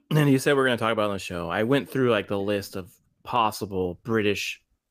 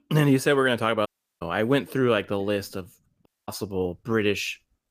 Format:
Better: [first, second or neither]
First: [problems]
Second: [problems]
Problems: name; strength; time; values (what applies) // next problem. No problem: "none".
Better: first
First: none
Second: audio cutting out; at 1 s and at 3.5 s